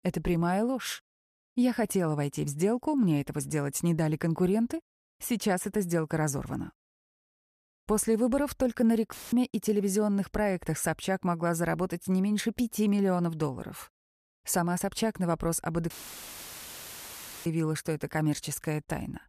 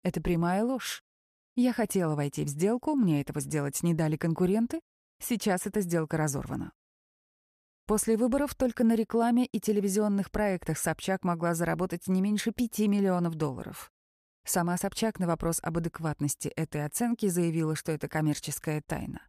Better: second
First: audio cutting out; filled with static; at 9 s and at 16 s for 1.5 s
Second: none

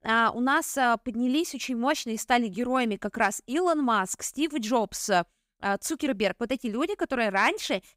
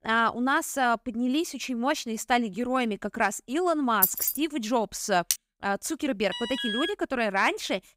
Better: first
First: none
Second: jangling keys; loud; at 4 s; peak 4 dB above the speech // clattering dishes; noticeable; at 5.5 s; peak 2 dB below the speech // alarm; noticeable; at 6.5 s; peak 3 dB below the speech

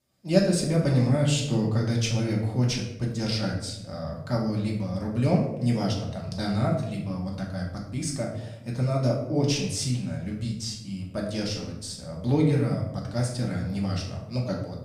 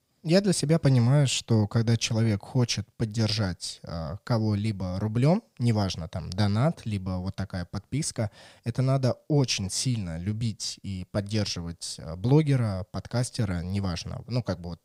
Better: second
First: room echo; noticeable; dies away in 0.7 s // off-mic speech; far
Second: none

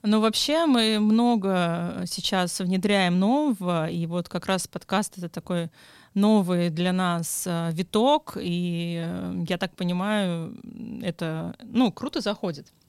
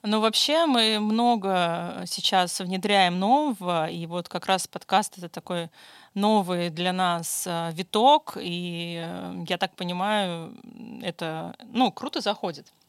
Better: first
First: none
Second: thin; somewhat; fading below 600 Hz

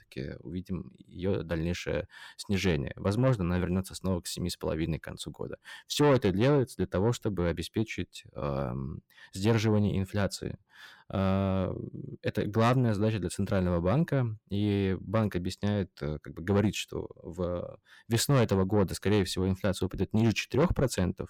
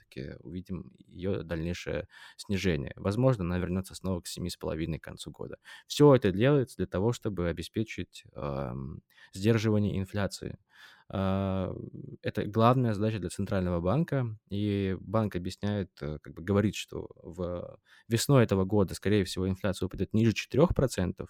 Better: second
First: distortion; slight; 10 dB below the speech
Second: none

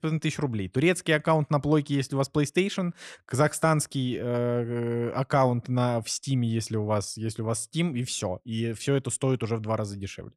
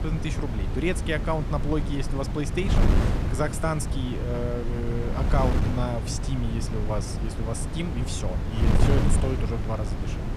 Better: first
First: none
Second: wind noise on the microphone; heavy; 4 dB below the speech

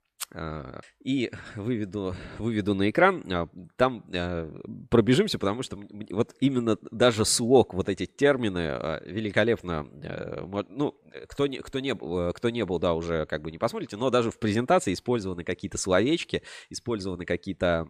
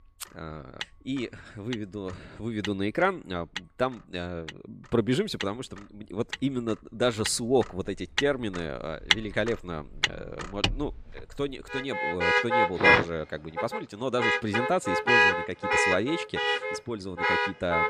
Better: first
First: none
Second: traffic noise; very loud; throughout; 5 dB above the speech

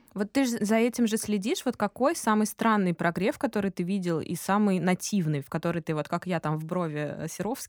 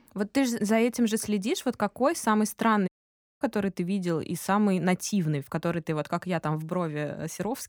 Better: first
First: none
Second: audio cutting out; at 3 s for 0.5 s

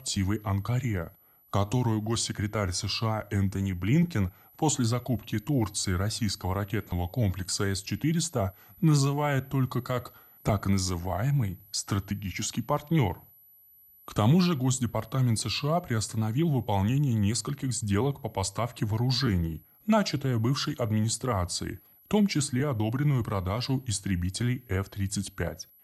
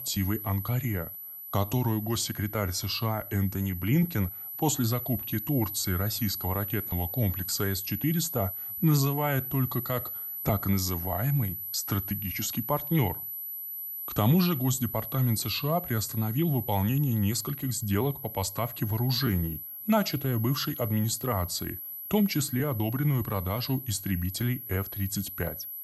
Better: first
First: high-pitched whine; faint; throughout; 12 kHz, 25 dB below the speech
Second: high-pitched whine; loud; throughout; 12 kHz, 6 dB below the speech

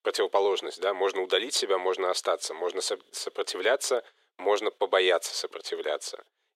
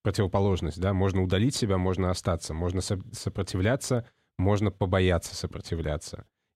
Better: second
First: thin; very; fading below 400 Hz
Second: none

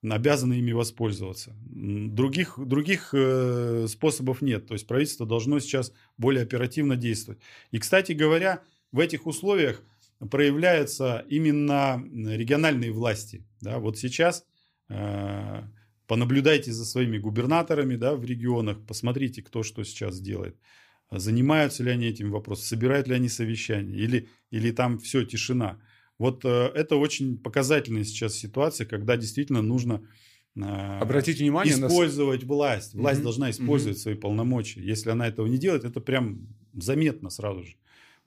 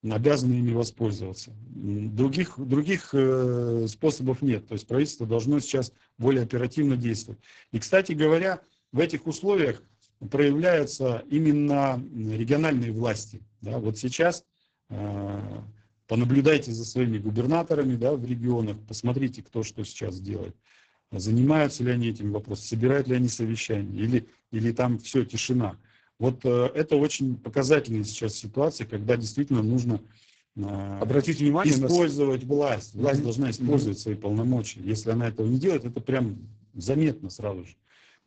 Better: first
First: none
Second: garbled, watery; badly; nothing above 8 kHz

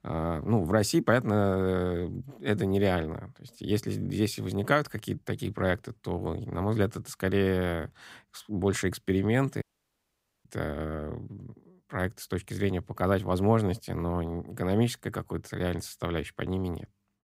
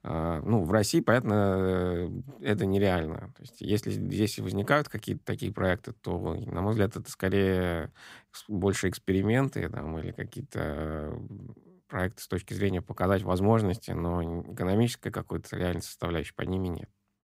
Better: second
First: audio cutting out; at 9.5 s for 1 s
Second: none

